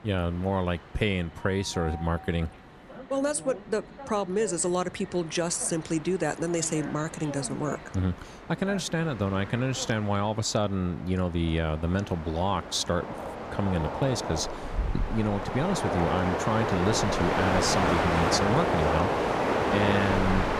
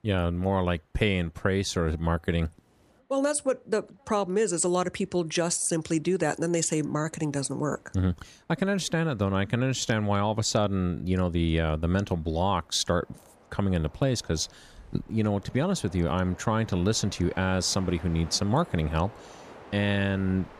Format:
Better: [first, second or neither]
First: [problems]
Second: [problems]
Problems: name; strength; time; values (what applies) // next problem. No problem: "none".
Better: second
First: train or aircraft noise; loud; throughout; 1 dB below the speech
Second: train or aircraft noise; faint; throughout; 25 dB below the speech